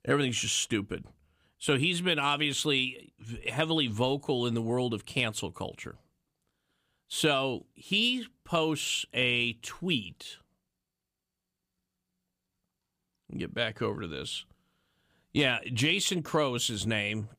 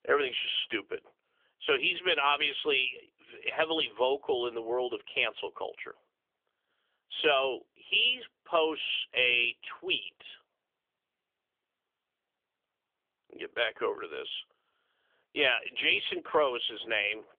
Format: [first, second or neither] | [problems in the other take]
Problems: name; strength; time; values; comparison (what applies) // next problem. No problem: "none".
first | phone-call audio; nothing above 3.5 kHz